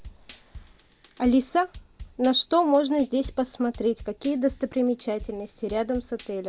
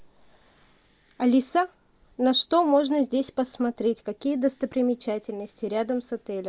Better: second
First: background sound (Drum kit); 20 dB below the speech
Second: none

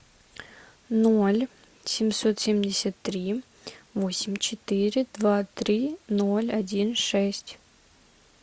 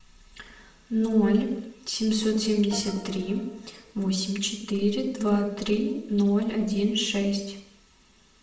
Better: first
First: none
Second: background sound (Organ); 17 dB below the speech // room echo; dies away in 0.7 s

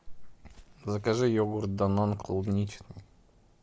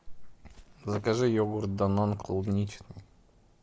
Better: first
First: none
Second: background sound (Door / Car); 19 dB below the speech

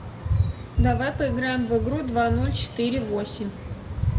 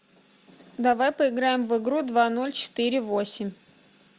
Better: second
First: background sound (Dog); as loud as the speech // room echo; dies away in 0.8 s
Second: none

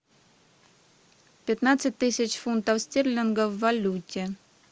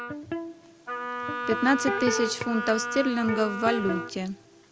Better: first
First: none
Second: background sound (Electric guitar + Wind instrument, woodwind instrument); 4 dB below the speech

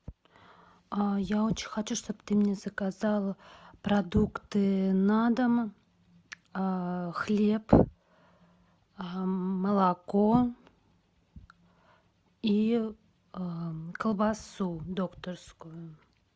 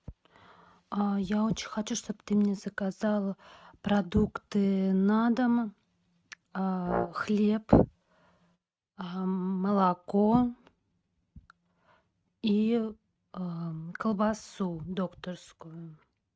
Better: first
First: none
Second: noise reduction (neural mask model RNNoise)

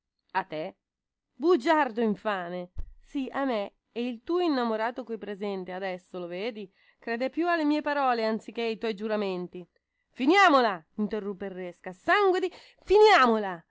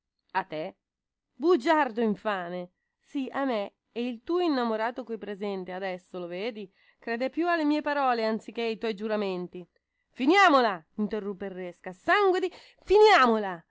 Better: second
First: background sound (Thump, thud); 14 dB below the speech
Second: none

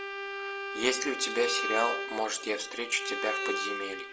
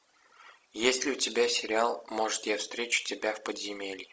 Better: second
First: background sound (Bowed string instrument); 2 dB below the speech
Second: none

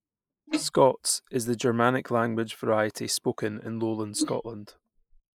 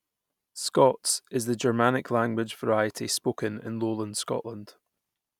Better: second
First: noise reduction (neural mask model Resemble Enhance denoiser)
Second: none

